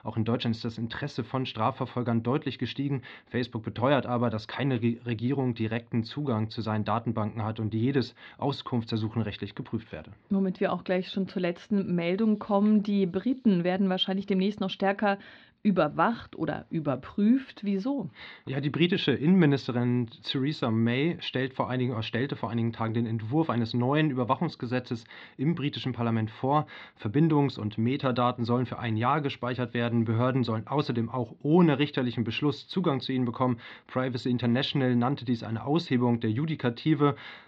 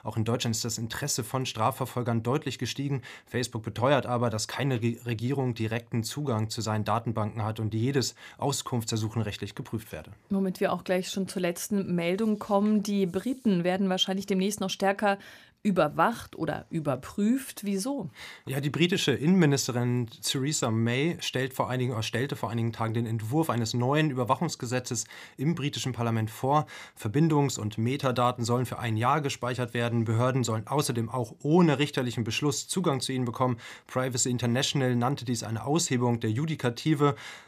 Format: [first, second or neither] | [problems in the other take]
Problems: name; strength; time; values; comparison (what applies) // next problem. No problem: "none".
second | muffled; slightly; fading above 4 kHz